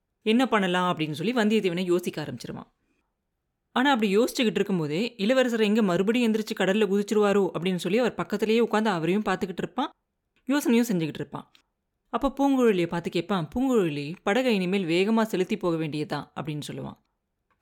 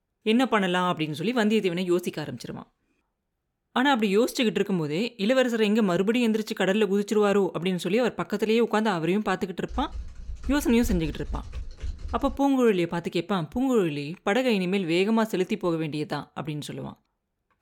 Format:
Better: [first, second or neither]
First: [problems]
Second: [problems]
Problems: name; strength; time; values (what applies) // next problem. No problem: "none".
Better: first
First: none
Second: keyboard typing; faint; from 9.5 to 12 s; peak 10 dB below the speech